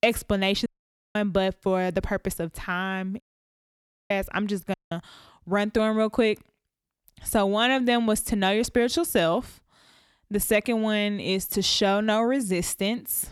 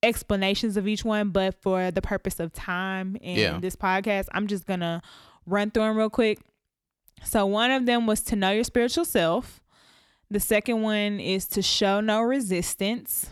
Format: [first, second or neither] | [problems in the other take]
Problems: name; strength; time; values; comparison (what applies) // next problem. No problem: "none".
second | audio cutting out; at 0.5 s, at 3 s for 1 s and at 4.5 s